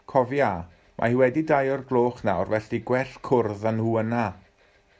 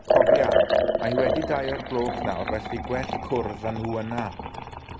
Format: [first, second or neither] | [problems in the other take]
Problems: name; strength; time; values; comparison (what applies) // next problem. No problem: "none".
first | background sound (Liquid); 4 dB above the speech